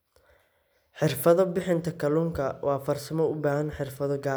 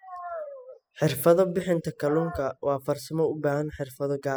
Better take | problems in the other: first | noise reduction (classical method spectral subtraction)

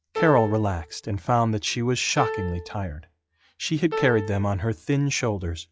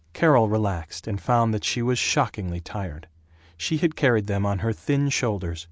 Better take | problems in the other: second | noise reduction (classical method log-MMSE)

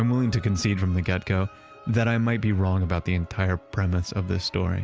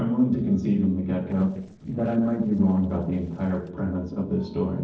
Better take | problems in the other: first | noise reduction (neural separator model SepFormer DNS4)

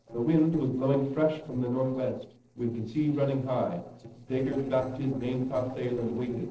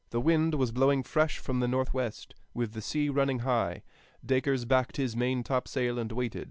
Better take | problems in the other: second | noise reduction (neural separator model SepFormer DNS4)

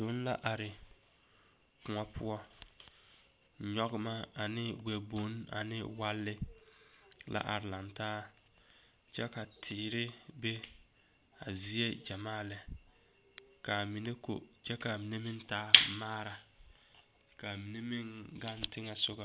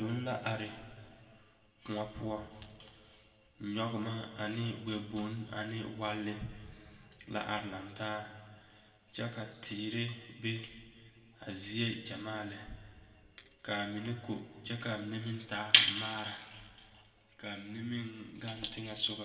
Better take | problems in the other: first | room echo; dies away in 1.9 s

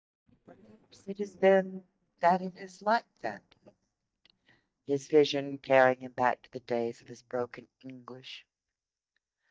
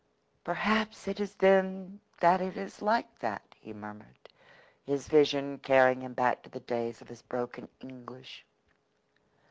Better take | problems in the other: second | noise reduction (neural mask model DeepFilterNet 3)

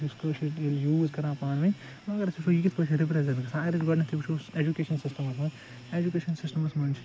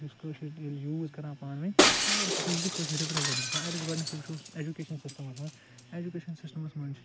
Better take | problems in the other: first | background sound (Shatter); 4 dB above the speech

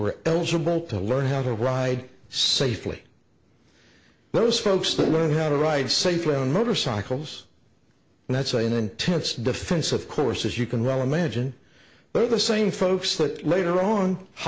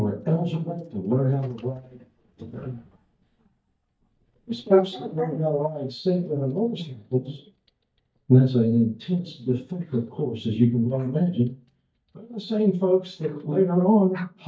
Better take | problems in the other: first | noise reduction (neural mask model DeepFilterNet 3)

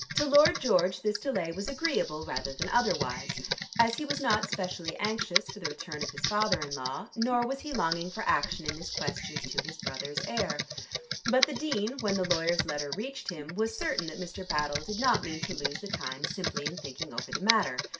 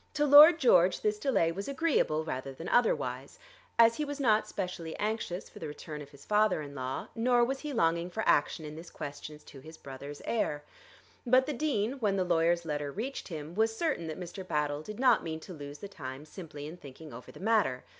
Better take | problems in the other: second | background sound (Computer keyboard); 4 dB below the speech // room echo; dies away in 0.2 s

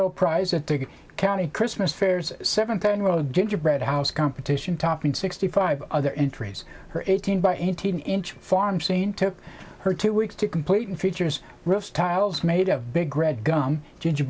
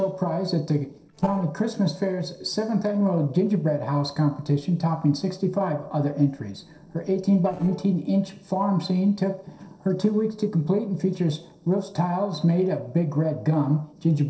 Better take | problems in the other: first | noise reduction (neural separator model SepFormer DNS4)

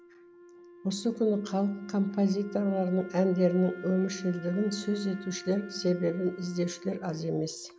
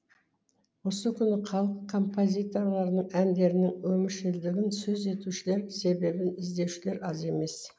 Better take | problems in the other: second | background sound (Wind instrument, woodwind instrument); 18 dB below the speech

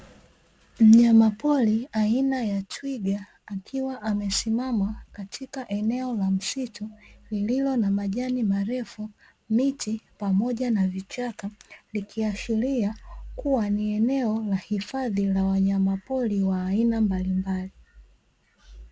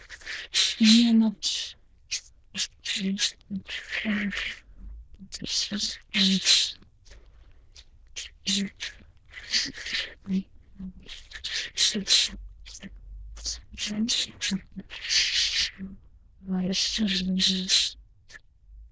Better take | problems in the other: first | noise reduction (neural diffusion model UNIVERSE++)

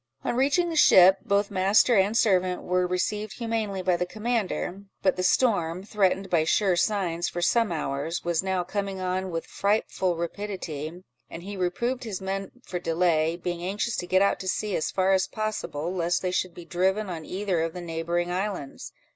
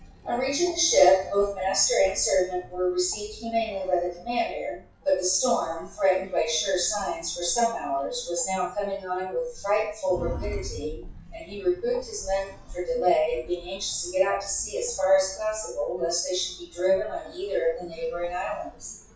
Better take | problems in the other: first | noise reduction (classical method WPE with log-MMSE)

